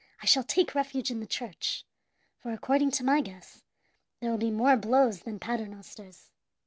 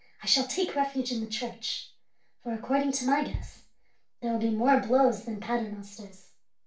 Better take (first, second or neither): first